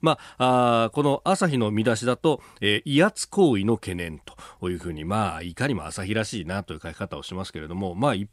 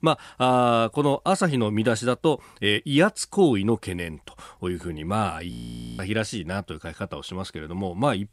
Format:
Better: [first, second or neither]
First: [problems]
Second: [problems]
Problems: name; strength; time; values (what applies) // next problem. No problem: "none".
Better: first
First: none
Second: audio freezing; at 5.5 s